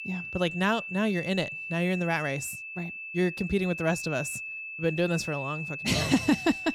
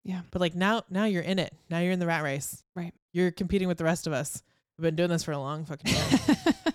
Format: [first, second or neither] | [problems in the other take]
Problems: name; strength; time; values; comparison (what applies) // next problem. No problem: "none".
second | high-pitched whine; loud; throughout; 2.5 kHz, 7 dB below the speech